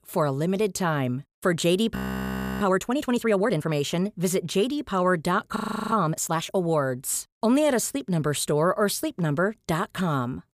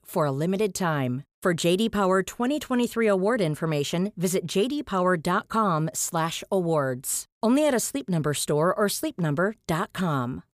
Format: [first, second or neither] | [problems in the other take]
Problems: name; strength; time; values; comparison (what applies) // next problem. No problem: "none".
second | audio freezing; at 2 s for 0.5 s and at 5.5 s